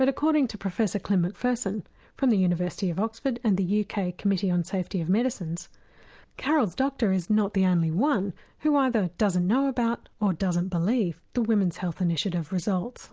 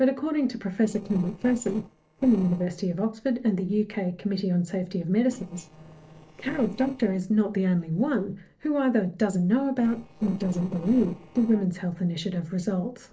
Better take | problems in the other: first | noise reduction (neural separator model SepFormer DNS4)

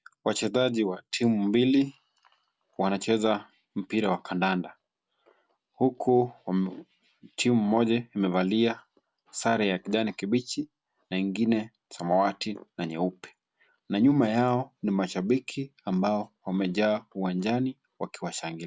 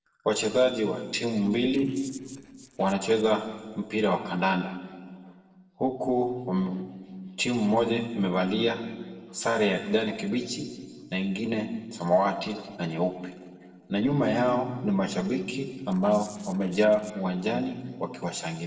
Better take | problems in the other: first | noise reduction (neural separator model SepFormer DNS4)

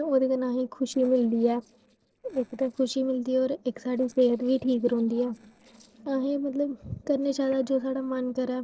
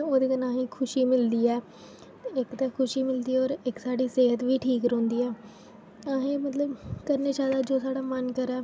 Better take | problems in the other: second | noise reduction (neural separator model SepFormer DNS4)

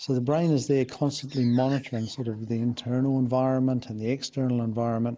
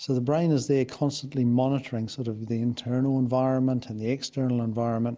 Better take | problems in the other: second | noise reduction (neural mask model Resemble Enhance denoiser)

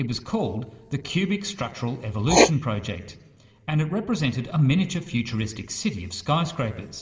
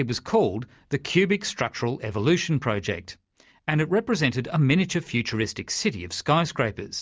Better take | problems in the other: second | background sound (Writing); 5 dB below the speech // room echo; dies away in 2.9 s

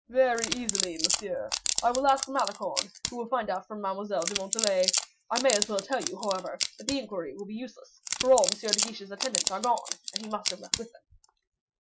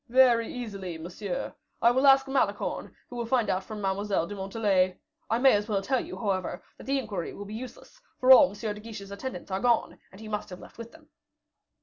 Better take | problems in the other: second | noise reduction (classical method Wiener filter)

